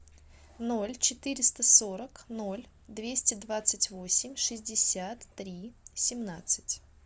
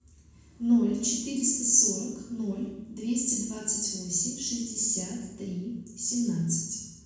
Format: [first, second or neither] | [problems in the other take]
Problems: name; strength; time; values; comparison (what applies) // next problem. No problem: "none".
first | room echo; dies away in 1.1 s